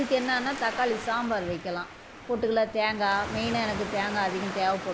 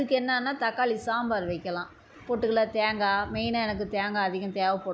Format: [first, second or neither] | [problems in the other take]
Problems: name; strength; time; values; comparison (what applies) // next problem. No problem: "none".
second | background sound (Waves, surf); 10 dB below the speech